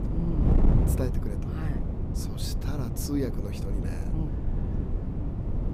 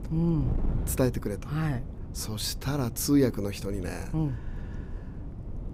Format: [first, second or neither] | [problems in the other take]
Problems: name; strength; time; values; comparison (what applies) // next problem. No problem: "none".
second | wind noise on the microphone; heavy; as loud as the speech; occasional gusts in the second